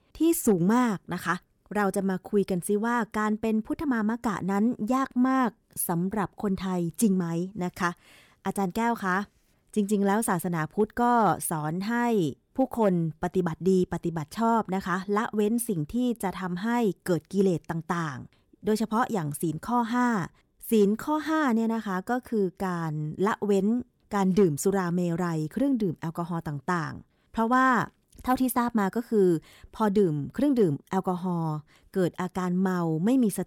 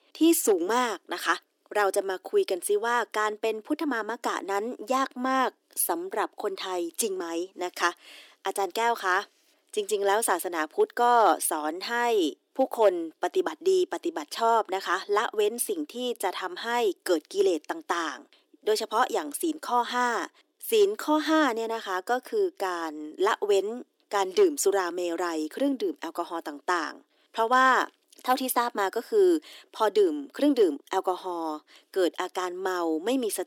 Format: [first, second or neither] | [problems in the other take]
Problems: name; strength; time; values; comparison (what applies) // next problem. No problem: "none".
first | thin; somewhat; fading below 300 Hz